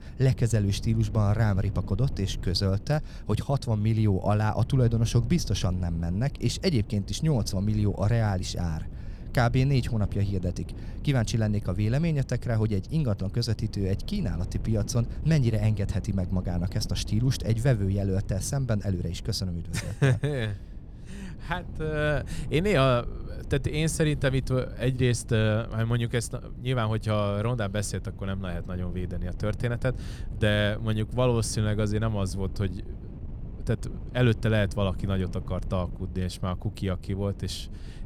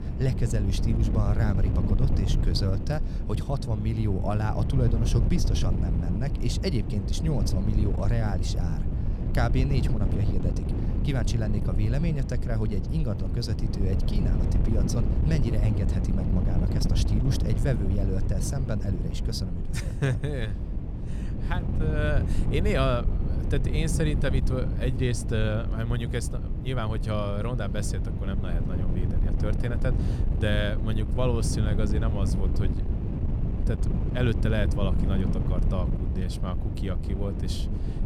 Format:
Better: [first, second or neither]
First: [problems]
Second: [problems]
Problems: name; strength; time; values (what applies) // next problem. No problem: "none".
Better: first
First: wind noise on the microphone; occasional gusts; 20 dB below the speech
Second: wind noise on the microphone; heavy; 5 dB below the speech